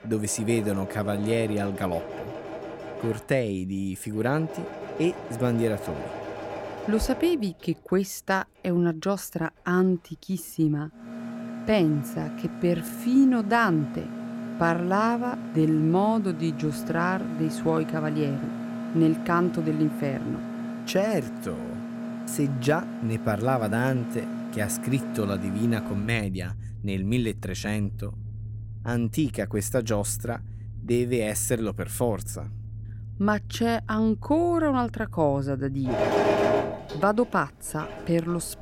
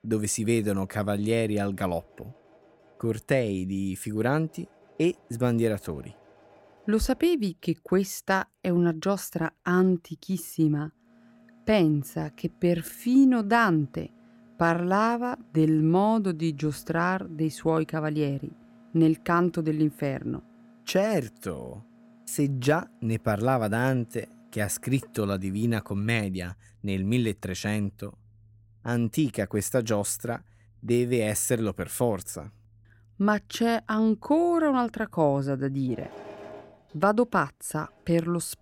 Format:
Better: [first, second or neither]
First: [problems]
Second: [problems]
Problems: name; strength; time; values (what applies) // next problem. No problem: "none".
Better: second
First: machinery noise; loud; throughout; 8 dB below the speech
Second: machinery noise; faint; throughout; 30 dB below the speech